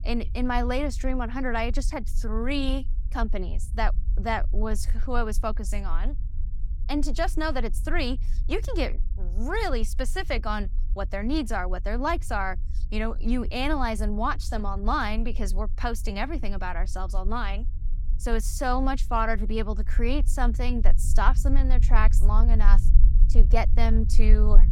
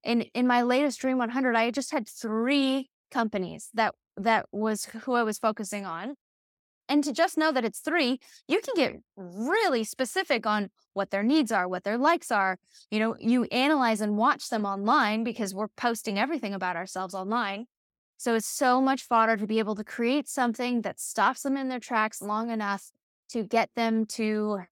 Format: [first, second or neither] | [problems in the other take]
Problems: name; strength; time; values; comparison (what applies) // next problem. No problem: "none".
second | low rumble; faint; throughout; 20 dB below the speech